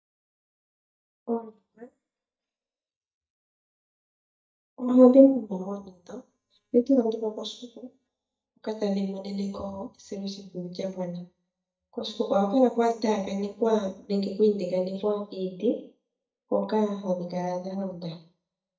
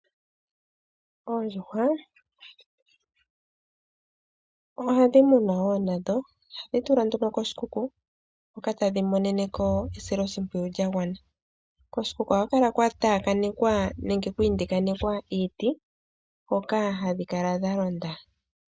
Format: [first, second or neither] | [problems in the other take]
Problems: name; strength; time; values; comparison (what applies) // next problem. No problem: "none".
second | noise reduction (neural mask model DeepFilterNet 3)